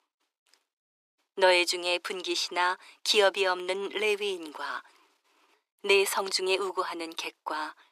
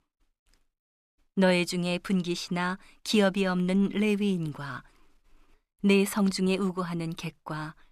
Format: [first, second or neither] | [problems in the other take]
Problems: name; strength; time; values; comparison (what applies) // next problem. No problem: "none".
second | thin; very; fading below 350 Hz